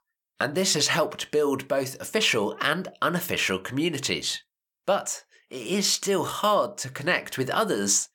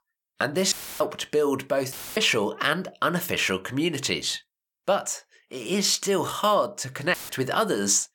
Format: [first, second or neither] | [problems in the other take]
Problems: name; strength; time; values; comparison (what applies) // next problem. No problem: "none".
first | audio cutting out; filled with static; at 0.5 s, at 2 s and at 7 s